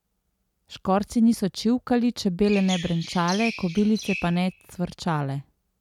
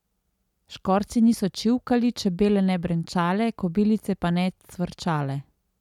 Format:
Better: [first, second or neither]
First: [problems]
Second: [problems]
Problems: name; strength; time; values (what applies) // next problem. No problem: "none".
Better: second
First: background sound (Chirp, tweet); 11 dB below the speech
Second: none